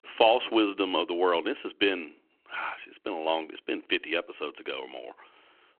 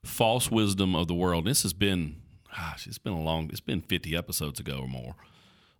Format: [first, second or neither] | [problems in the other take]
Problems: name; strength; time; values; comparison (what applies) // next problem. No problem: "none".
second | phone-call audio